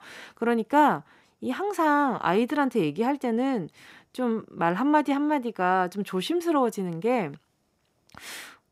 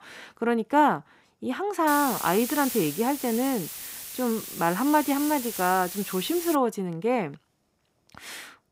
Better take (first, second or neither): first